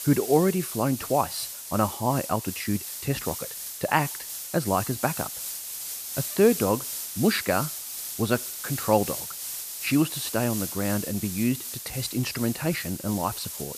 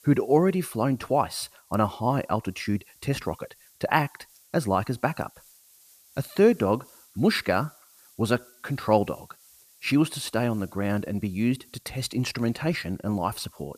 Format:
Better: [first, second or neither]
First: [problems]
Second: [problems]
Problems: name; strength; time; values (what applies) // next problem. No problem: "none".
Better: second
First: hiss; loud; throughout; 6 dB below the speech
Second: hiss; faint; throughout; 25 dB below the speech